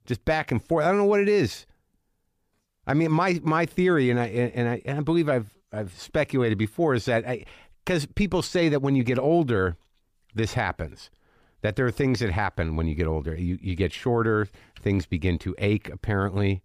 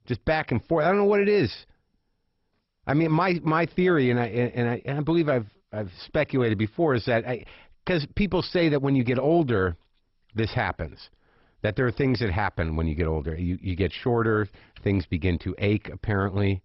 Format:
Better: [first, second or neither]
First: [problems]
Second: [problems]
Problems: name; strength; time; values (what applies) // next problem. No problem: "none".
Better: first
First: none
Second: garbled, watery; badly; nothing above 5.5 kHz